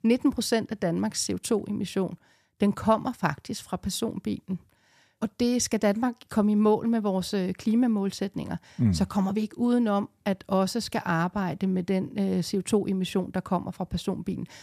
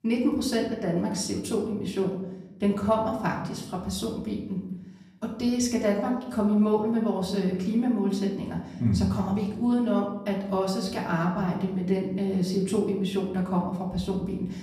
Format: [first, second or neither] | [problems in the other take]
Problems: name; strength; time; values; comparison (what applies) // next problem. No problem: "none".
first | off-mic speech; far // room echo; noticeable; dies away in 0.9 s